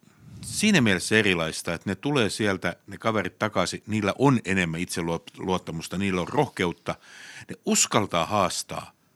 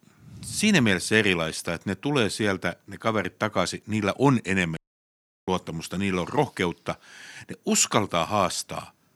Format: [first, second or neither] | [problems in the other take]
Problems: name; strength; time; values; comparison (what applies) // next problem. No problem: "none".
first | audio cutting out; at 5 s for 0.5 s